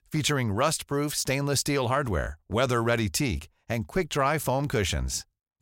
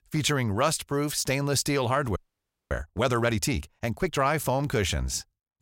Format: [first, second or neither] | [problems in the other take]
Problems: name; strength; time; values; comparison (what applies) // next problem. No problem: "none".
first | audio freezing; at 2 s for 0.5 s